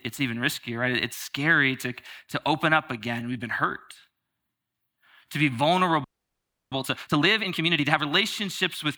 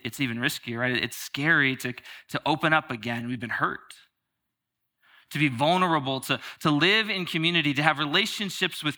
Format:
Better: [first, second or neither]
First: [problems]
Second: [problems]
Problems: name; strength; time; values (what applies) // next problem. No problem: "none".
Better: second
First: audio freezing; at 6 s for 0.5 s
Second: none